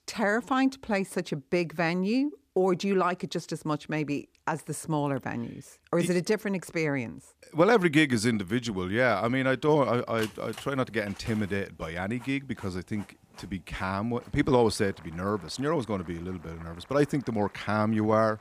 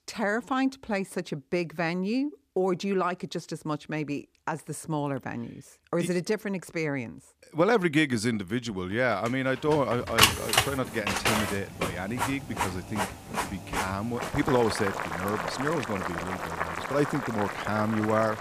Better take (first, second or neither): first